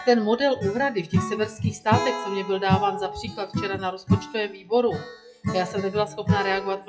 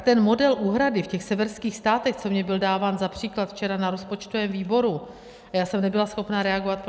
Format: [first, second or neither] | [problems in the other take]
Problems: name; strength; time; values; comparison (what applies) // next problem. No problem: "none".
second | noise reduction (classical method WPE with log-MMSE)